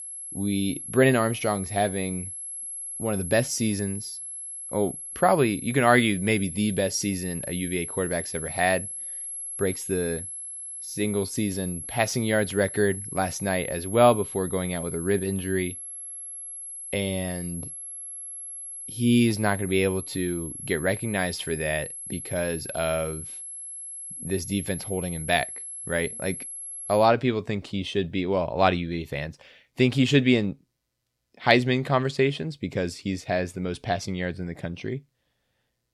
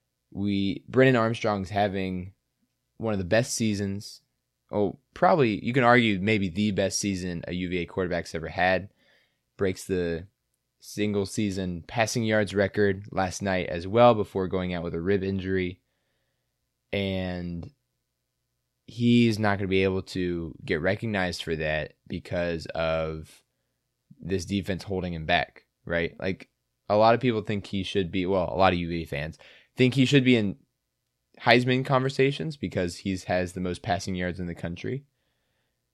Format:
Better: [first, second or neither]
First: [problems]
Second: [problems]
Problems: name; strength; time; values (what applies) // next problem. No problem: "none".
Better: second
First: high-pitched whine; loud; until 27 s; 11 kHz, 8 dB below the speech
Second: none